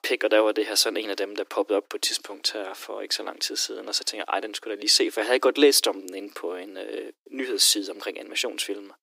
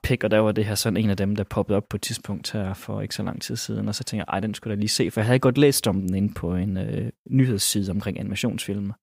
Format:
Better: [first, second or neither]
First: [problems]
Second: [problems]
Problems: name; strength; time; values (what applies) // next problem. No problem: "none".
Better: second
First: thin; very; fading below 300 Hz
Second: none